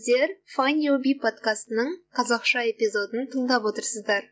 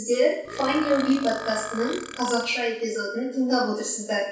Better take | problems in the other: first | background sound (Burping, eructation); 11 dB below the speech // room echo; dies away in 0.7 s

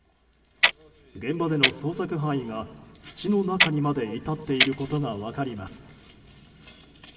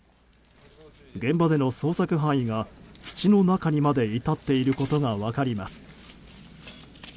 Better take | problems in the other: second | background sound (Clock); 1 dB above the speech // room echo; dies away in 1.9 s

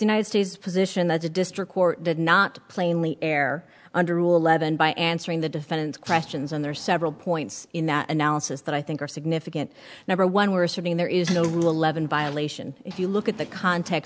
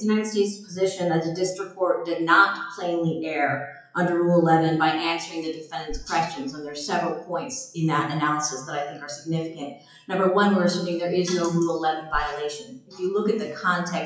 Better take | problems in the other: first | noise reduction (classical method WPE with log-MMSE)

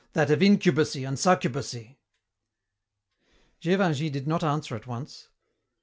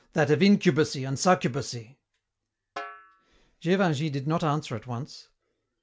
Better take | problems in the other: first | background sound (Snare drum); 19 dB below the speech

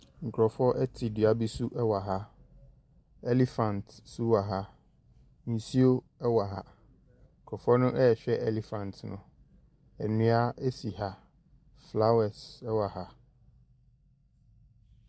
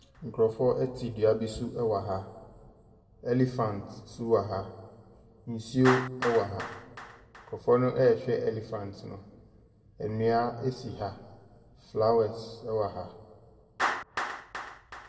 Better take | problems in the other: first | background sound (Clapping); 11 dB below the speech // room echo; dies away in 1.4 s

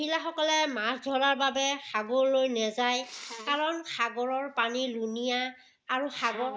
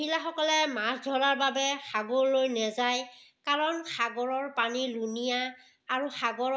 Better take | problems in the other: second | noise reduction (neural mask model DeepFilterNet 3)

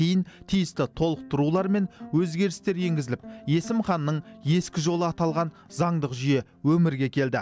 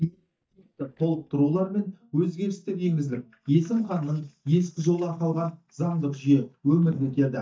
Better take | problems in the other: first | noise reduction (neural mask model DeepFilterNet 3)

